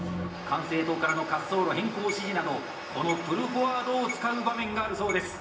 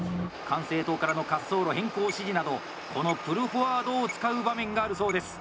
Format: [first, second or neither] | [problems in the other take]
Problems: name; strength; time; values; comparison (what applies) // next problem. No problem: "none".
second | room echo; dies away in 1.4 s